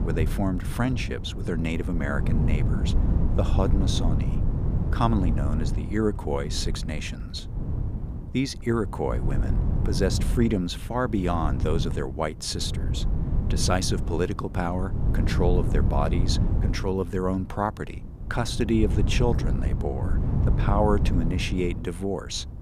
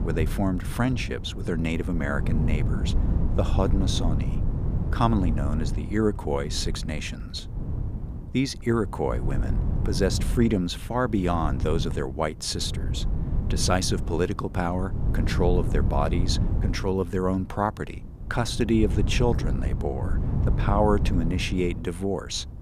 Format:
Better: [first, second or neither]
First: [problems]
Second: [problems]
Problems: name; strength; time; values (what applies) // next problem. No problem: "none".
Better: second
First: wind noise on the microphone; heavy; 9 dB below the speech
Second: wind noise on the microphone; occasional gusts; 10 dB below the speech